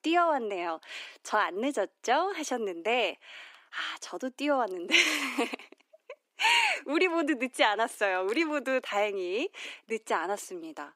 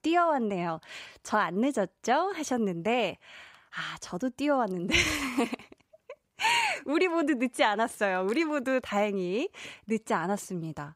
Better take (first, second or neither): second